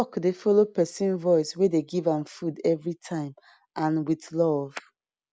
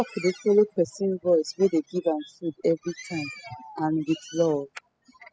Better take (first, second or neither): first